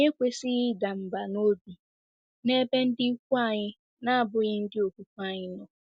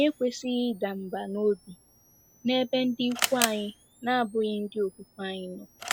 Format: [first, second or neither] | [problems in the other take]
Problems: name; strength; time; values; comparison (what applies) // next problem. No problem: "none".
first | background sound (Camera); 8 dB below the speech